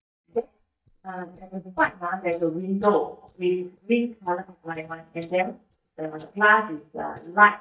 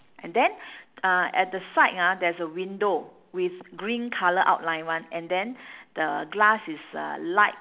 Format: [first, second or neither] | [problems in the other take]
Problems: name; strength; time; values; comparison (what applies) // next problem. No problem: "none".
second | noise reduction (neural mask model DeepFilterNet 3)